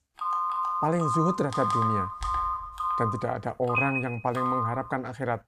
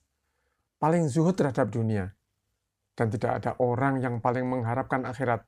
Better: second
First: phone ringing; loud; until 5 s; peak 4 dB above the speech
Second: none

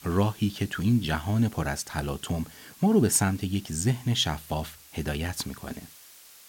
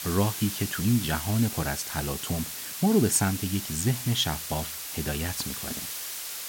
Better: first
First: hiss; faint; throughout; 20 dB below the speech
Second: hiss; loud; throughout; 5 dB below the speech

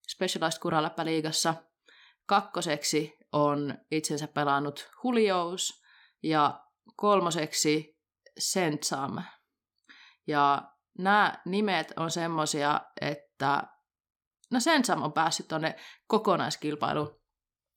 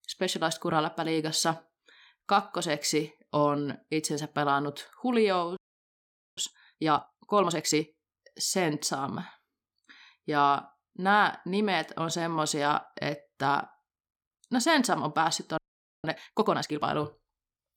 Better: first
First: none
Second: audio freezing; at 5.5 s for 1 s and at 16 s

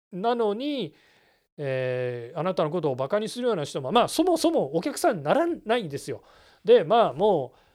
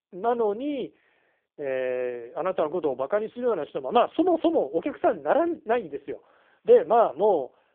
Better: first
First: none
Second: phone-call audio; poor line; nothing above 3.5 kHz

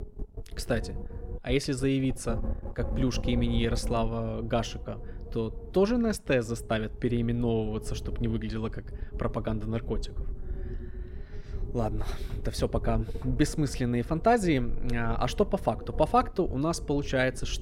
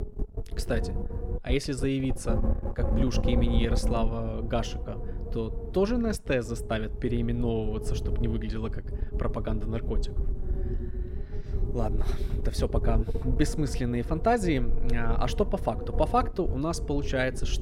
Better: first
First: wind noise on the microphone; occasional gusts; 15 dB below the speech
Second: wind noise on the microphone; heavy; 9 dB below the speech

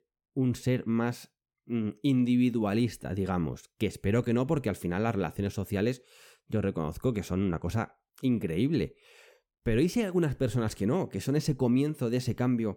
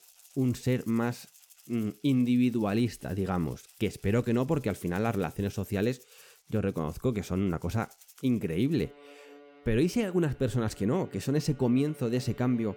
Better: first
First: none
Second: background music; faint; throughout; 25 dB below the speech

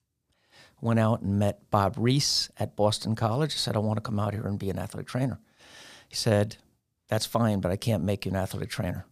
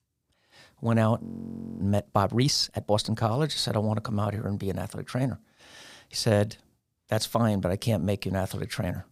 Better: first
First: none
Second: audio freezing; at 1 s for 0.5 s

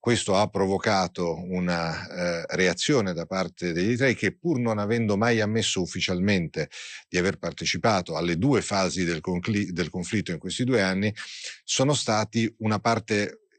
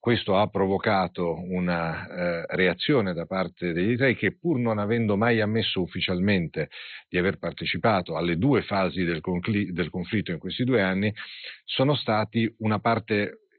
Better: first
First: garbled, watery; slightly; nothing above 8.5 kHz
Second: garbled, watery; badly; nothing above 4 kHz

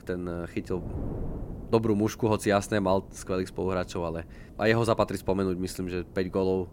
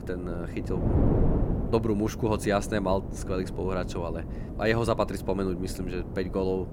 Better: first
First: wind noise on the microphone; occasional gusts; 20 dB below the speech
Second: wind noise on the microphone; heavy; 8 dB below the speech

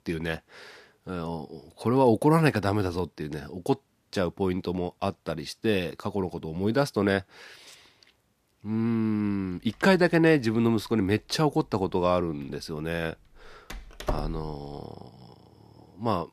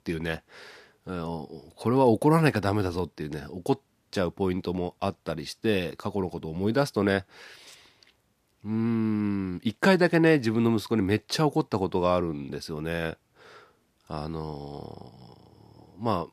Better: second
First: door banging; noticeable; at 14 s; peak 7 dB below the speech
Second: none

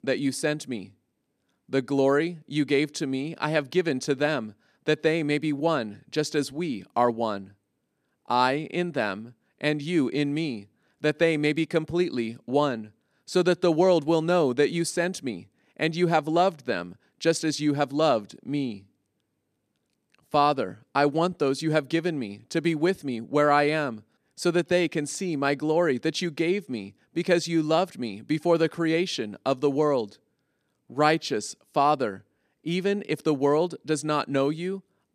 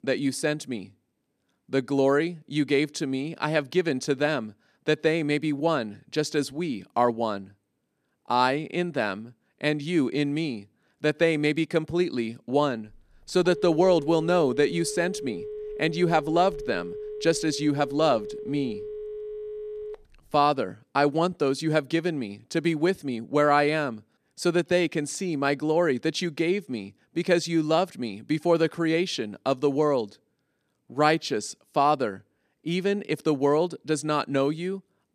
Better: first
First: none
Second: phone ringing; faint; from 13 to 20 s; peak 10 dB below the speech

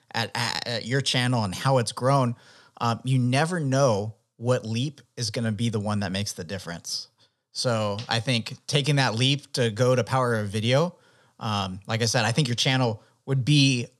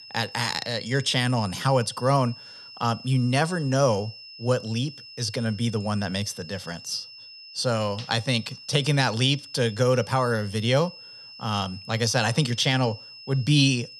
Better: first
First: none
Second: high-pitched whine; noticeable; throughout; 5 kHz, 15 dB below the speech

